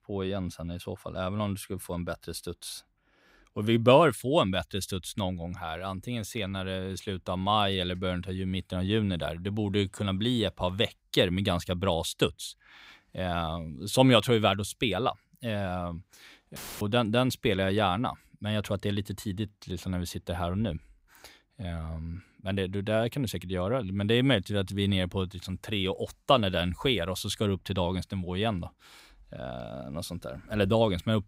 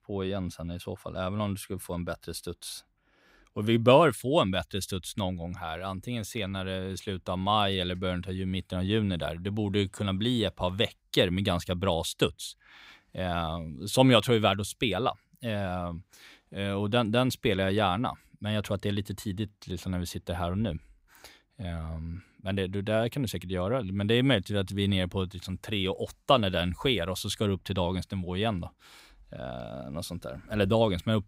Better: second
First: audio cutting out; filled with static; at 17 s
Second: none

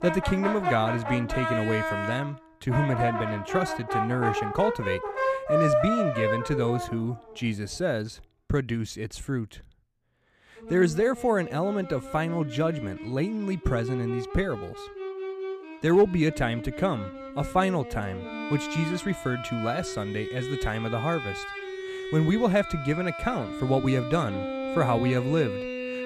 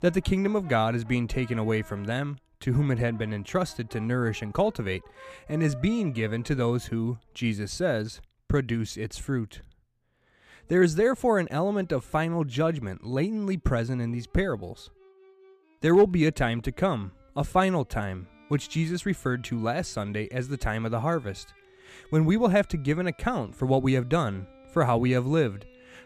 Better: second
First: background music; loud; throughout; 4 dB below the speech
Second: background music; faint; throughout; 25 dB below the speech

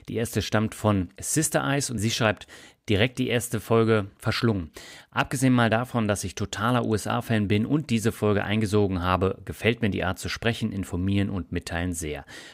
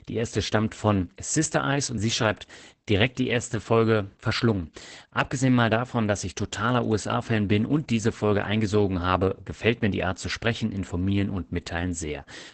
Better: first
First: none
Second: garbled, watery; badly; nothing above 8 kHz

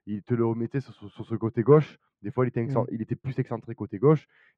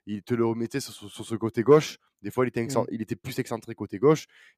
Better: second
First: muffled; very; fading above 1.5 kHz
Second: none

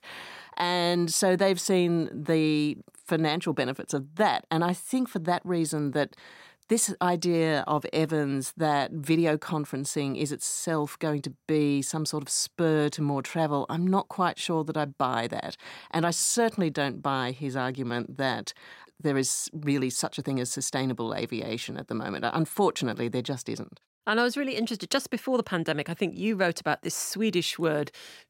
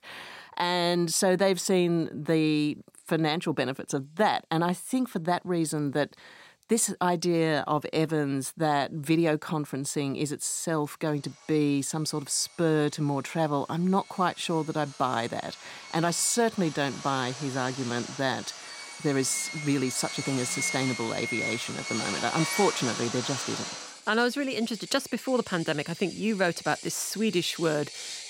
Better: first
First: none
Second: machinery noise; loud; throughout; 8 dB below the speech

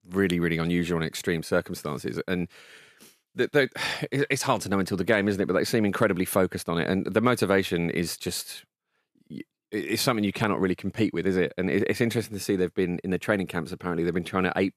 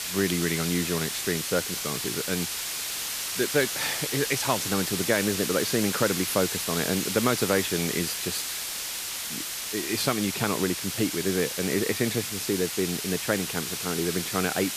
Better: first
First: none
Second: hiss; loud; throughout; 1 dB below the speech

